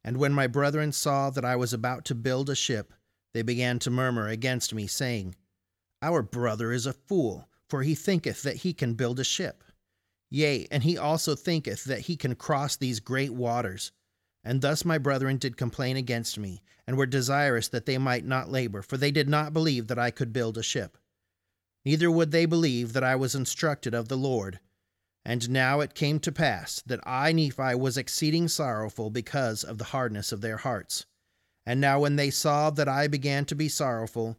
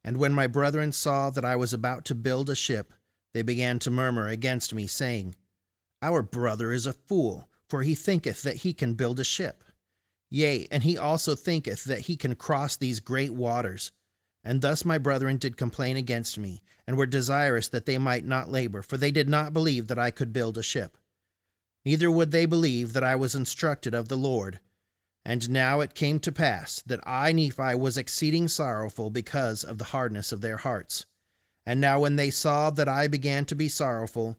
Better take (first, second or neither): first